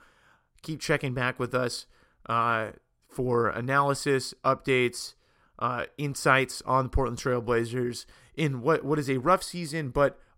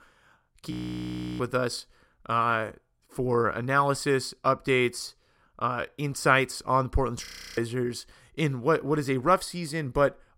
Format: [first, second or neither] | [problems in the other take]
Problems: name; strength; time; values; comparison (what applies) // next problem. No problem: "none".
first | audio freezing; at 0.5 s for 0.5 s and at 7.5 s